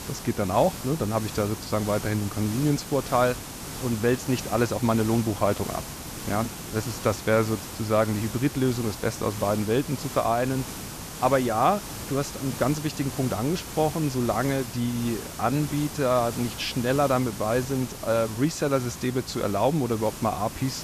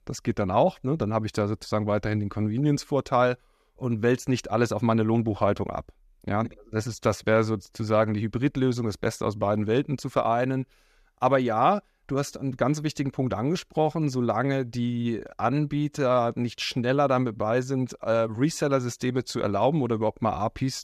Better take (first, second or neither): second